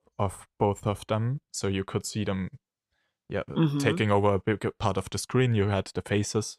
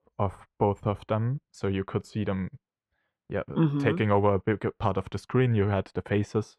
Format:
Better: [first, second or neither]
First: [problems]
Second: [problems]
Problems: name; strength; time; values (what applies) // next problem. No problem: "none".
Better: first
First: none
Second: muffled; slightly; fading above 4 kHz